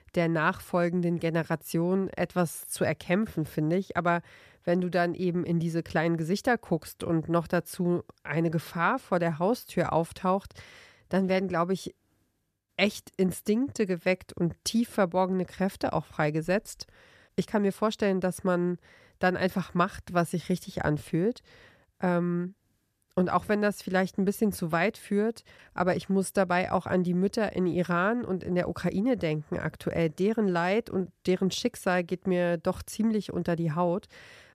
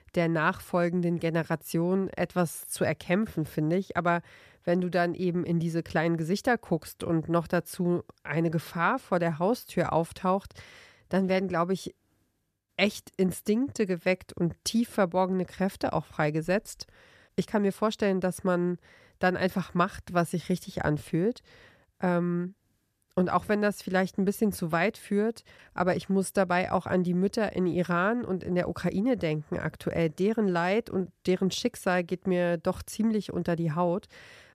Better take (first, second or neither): neither